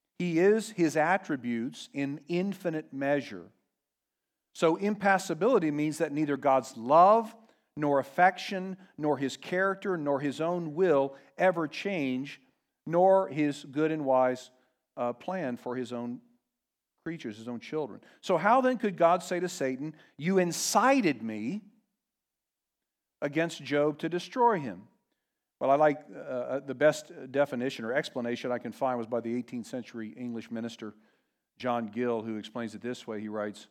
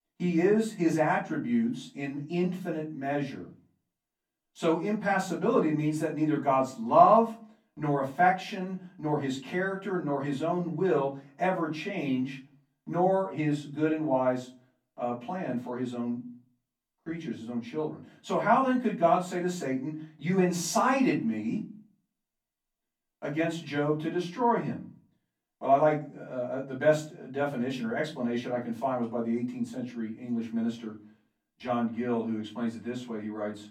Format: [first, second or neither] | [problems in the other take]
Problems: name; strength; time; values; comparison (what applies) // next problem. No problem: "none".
first | room echo; slight; dies away in 0.3 s // off-mic speech; far